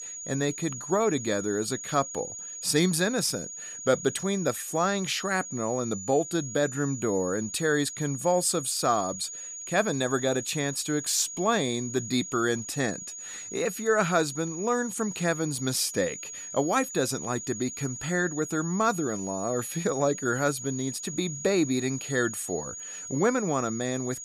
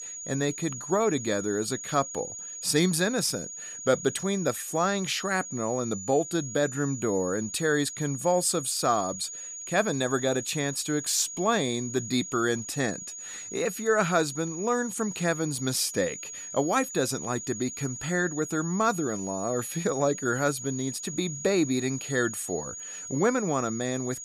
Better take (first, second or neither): neither